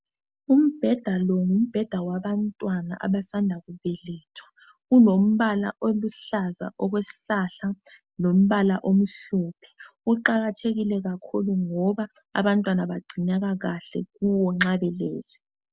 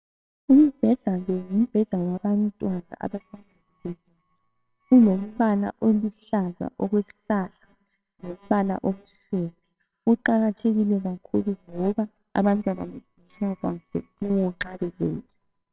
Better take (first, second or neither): first